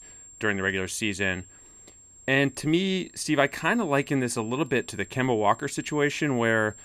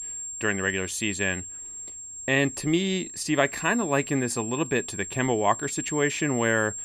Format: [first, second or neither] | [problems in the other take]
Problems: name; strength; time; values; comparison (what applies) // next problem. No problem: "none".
first | high-pitched whine; loud; throughout; 7.5 kHz, 8 dB below the speech; faint in the first